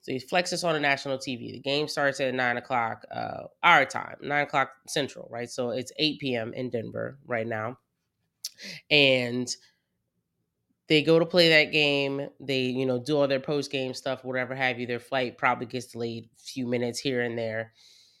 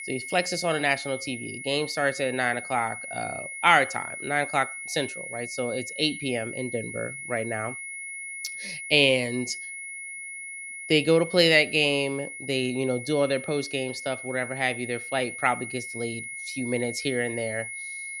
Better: first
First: none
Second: high-pitched whine; loud; throughout; 2 kHz, 9 dB below the speech

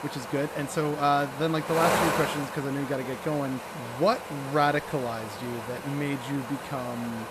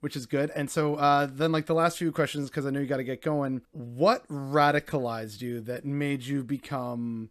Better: second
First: wind noise on the microphone; heavy; 4 dB below the speech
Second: none

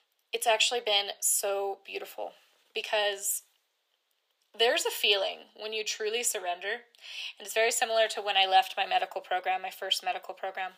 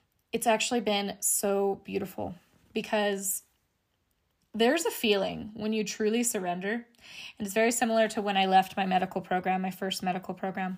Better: second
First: thin; very; fading below 500 Hz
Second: none

